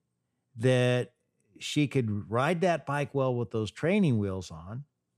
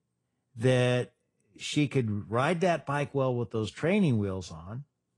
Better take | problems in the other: first | garbled, watery; slightly

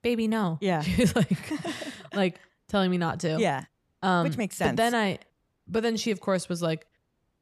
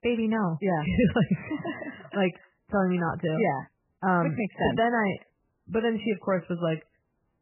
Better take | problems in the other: first | garbled, watery; badly; nothing above 3 kHz

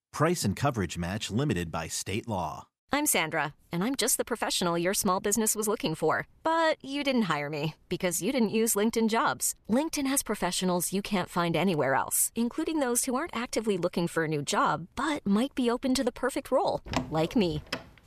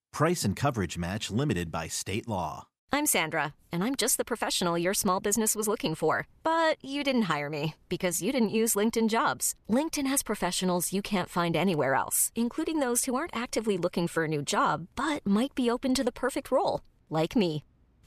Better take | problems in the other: second | door banging; noticeable; at 17 s; peak 6 dB below the speech

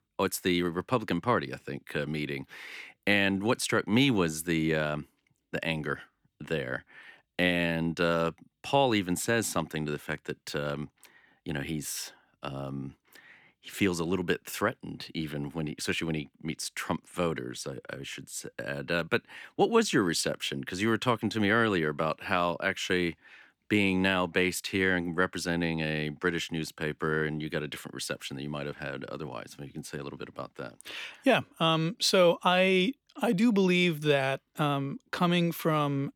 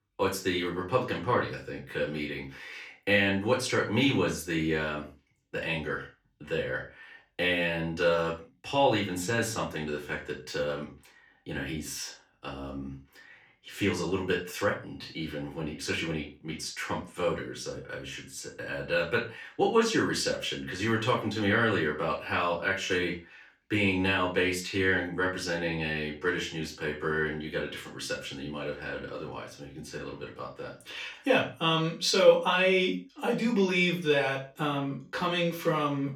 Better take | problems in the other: first | room echo; noticeable; dies away in 0.3 s // off-mic speech; far

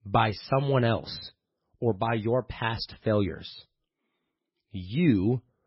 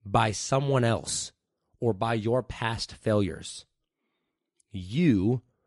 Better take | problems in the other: second | garbled, watery; badly; nothing above 5.5 kHz; slightly in the second

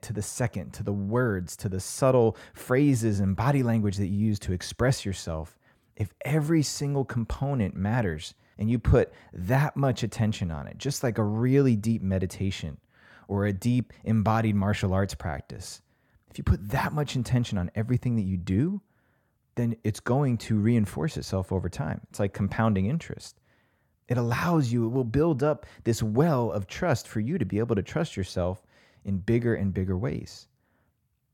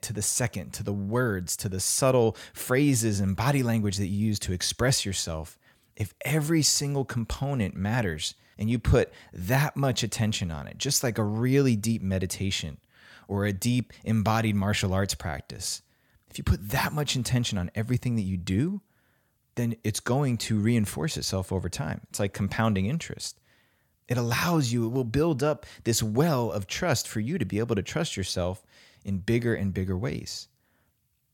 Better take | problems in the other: second | muffled; slightly; fading above 2 kHz

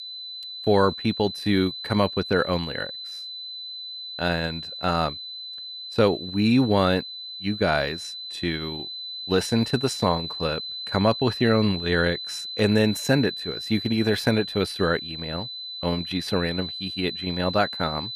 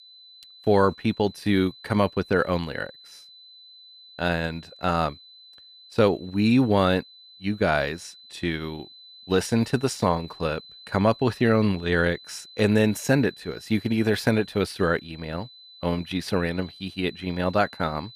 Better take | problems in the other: second | high-pitched whine; loud; throughout; 4 kHz, 8 dB below the speech; faint in the second

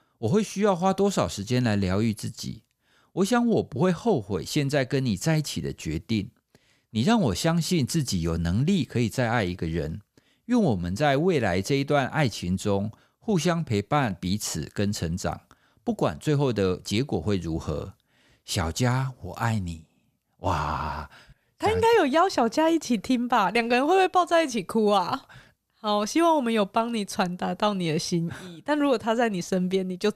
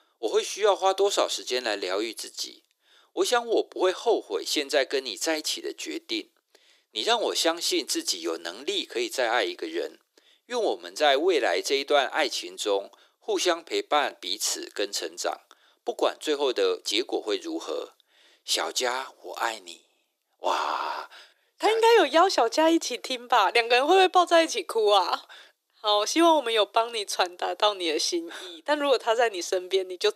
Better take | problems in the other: first | thin; very; fading below 350 Hz

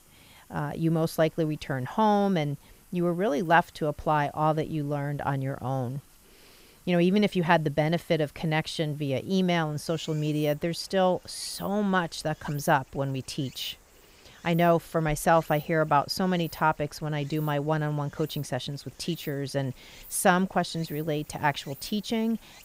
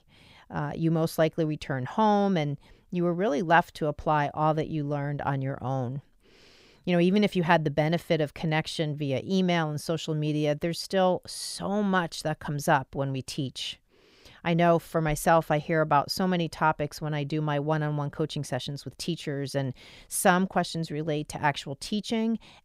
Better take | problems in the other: second | rain or running water; faint; throughout; 25 dB below the speech

